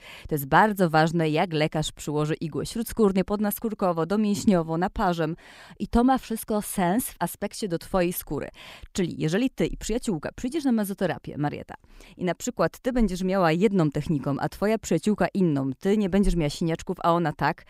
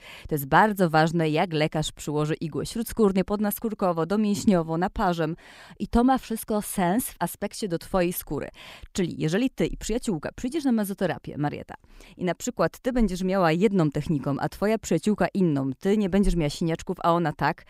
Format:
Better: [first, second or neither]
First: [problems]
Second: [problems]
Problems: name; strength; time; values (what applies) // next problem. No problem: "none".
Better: neither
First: none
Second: none